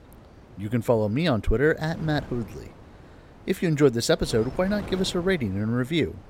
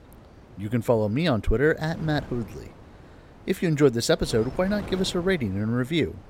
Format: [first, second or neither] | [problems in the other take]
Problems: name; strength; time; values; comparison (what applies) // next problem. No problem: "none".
neither | wind noise on the microphone; occasional gusts; 20 dB below the speech; the same in both